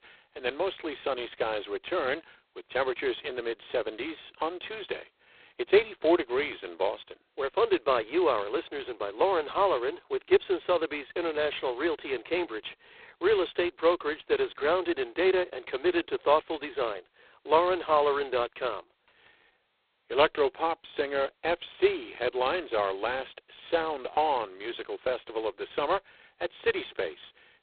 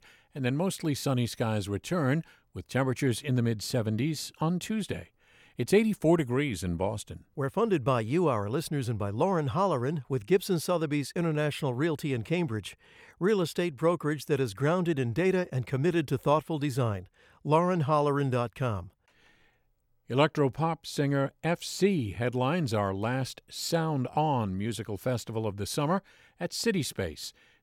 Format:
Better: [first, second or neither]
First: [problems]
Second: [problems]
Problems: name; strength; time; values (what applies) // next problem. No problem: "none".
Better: second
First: phone-call audio; poor line; nothing above 4 kHz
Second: none